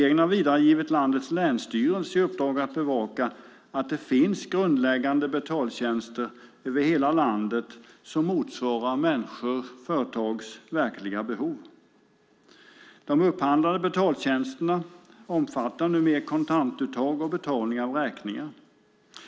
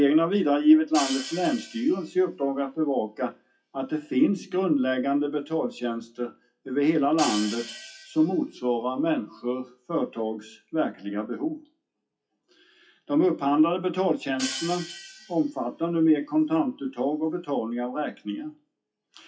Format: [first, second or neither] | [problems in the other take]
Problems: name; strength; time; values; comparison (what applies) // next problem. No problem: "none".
first | noise reduction (classical method WPE with log-MMSE)